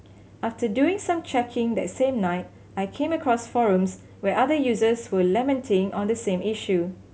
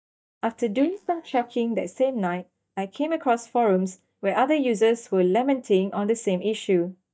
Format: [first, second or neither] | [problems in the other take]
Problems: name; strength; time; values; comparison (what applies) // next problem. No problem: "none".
first | noise reduction (neural mask model DeepFilterNet 3)